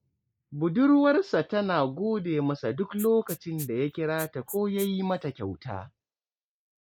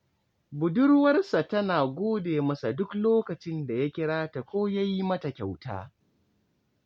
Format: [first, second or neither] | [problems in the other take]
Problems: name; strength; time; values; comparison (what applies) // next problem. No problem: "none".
second | noise reduction (neural mask model Resemble Enhance denoiser)